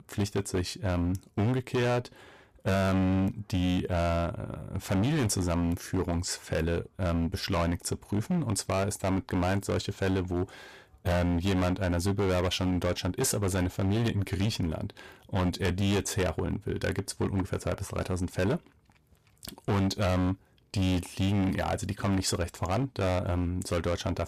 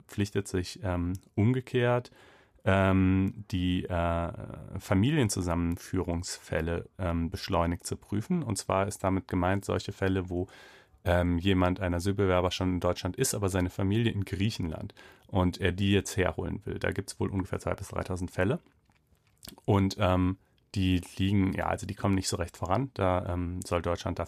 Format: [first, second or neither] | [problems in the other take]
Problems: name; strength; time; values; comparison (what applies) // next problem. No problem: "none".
second | distortion; heavy; 17% of the sound clipped